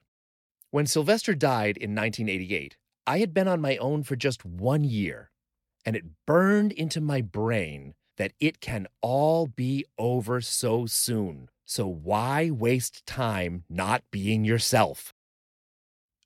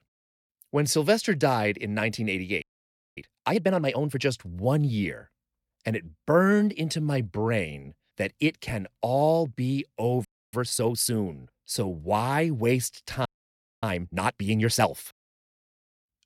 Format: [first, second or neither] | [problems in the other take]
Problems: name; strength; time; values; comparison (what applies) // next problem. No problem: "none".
first | audio freezing; at 2.5 s for 0.5 s, at 10 s and at 13 s for 0.5 s